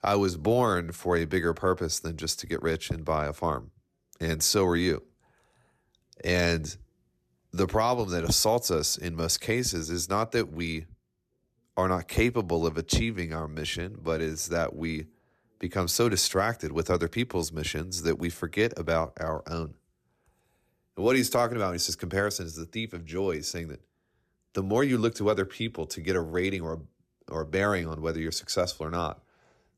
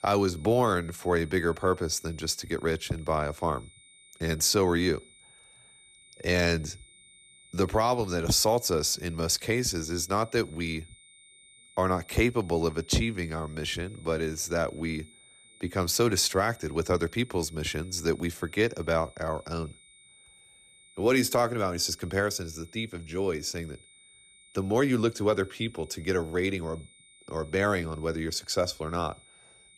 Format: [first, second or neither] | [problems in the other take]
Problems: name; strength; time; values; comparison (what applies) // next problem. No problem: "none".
first | high-pitched whine; faint; throughout; 2.5 kHz, 25 dB below the speech